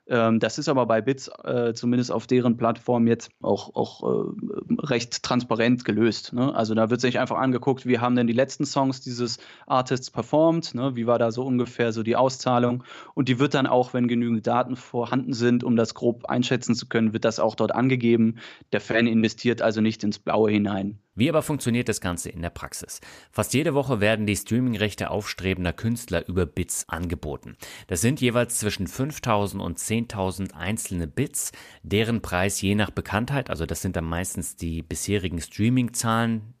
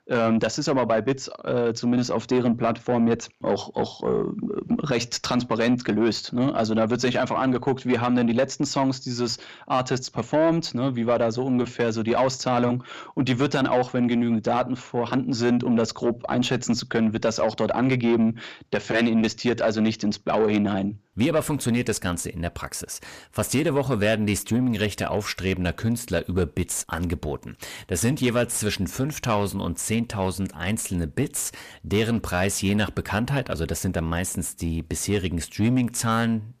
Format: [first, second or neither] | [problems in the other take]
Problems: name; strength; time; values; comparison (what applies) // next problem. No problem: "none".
first | distortion; slight; 10 dB below the speech